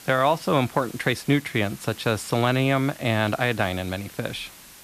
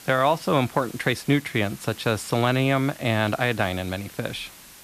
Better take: neither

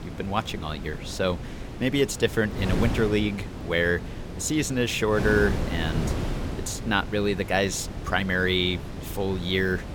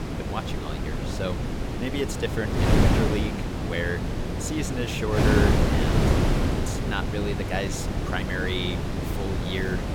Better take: first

